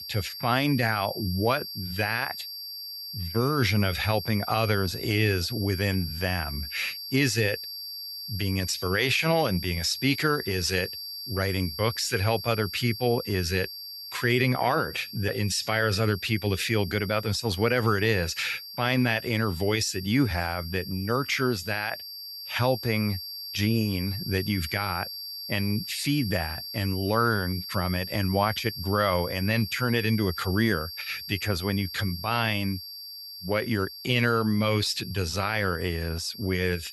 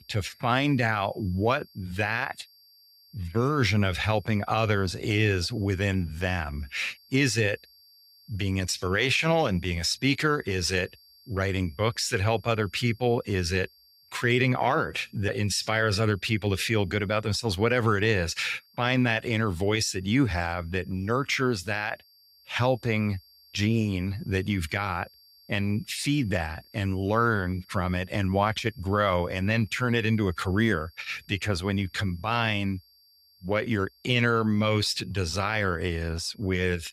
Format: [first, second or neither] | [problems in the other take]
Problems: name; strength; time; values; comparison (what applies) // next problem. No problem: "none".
second | high-pitched whine; loud; throughout; 4.5 kHz, 9 dB below the speech; faint in the second